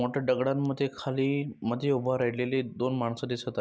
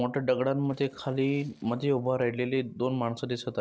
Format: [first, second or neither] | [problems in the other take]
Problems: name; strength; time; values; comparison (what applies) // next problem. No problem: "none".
first | noise reduction (neural separator model SepFormer DNS4)